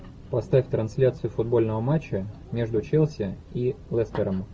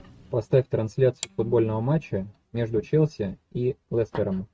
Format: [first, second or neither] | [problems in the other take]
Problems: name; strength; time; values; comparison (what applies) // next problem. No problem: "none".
first | noise reduction (neural mask model RNNoise)